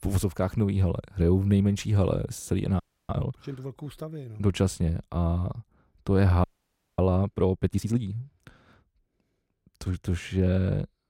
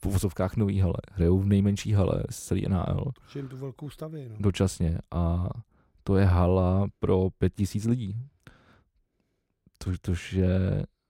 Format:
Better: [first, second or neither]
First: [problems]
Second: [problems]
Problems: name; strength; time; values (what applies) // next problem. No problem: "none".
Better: second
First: audio freezing; at 3 s and at 6.5 s for 0.5 s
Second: none